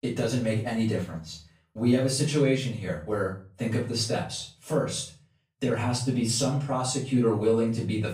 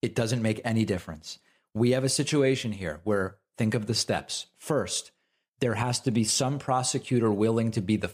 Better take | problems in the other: second | off-mic speech; far // room echo; slight; dies away in 0.4 s

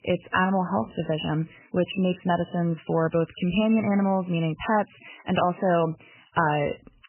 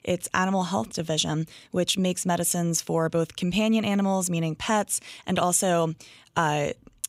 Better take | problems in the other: second | garbled, watery; badly; nothing above 3 kHz

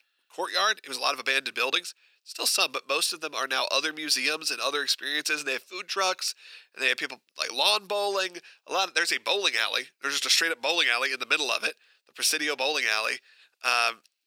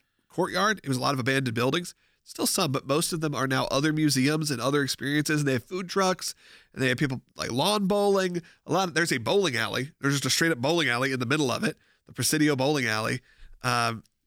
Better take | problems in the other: second | thin; very; fading below 500 Hz

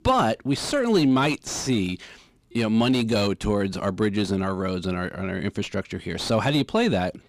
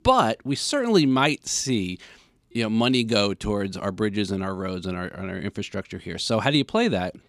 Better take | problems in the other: second | distortion; slight; 9 dB below the speech

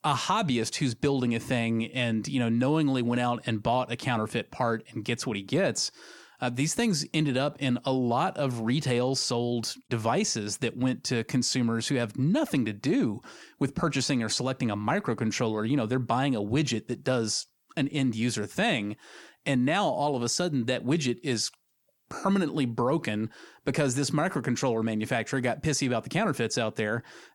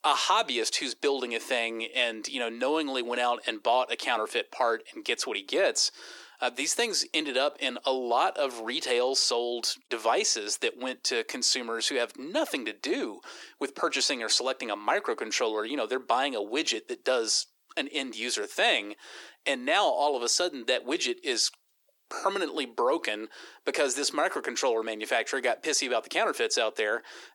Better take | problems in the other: first | thin; very; fading below 350 Hz

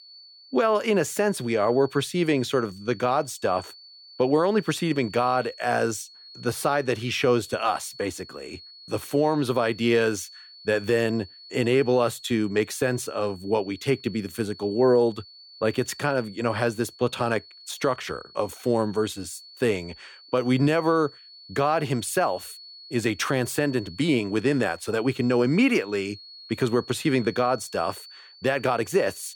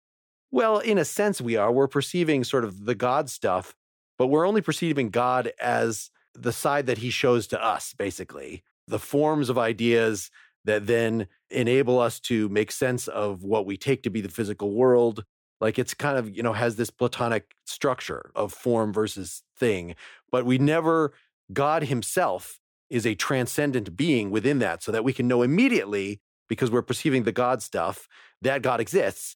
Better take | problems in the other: second | high-pitched whine; noticeable; throughout; 4.5 kHz, 20 dB below the speech

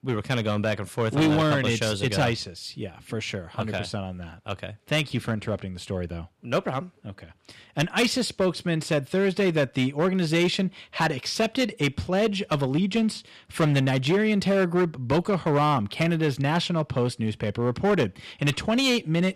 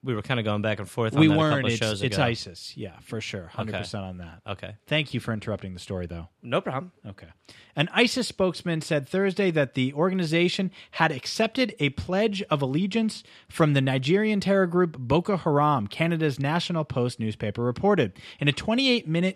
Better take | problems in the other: second | distortion; slight; 6% of the sound clipped

